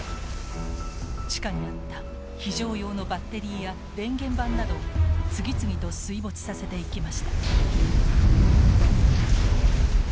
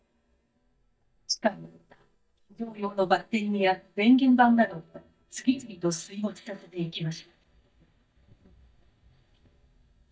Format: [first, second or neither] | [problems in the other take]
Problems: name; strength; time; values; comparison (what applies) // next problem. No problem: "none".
first | noise reduction (neural mask model DeepFilterNet 3)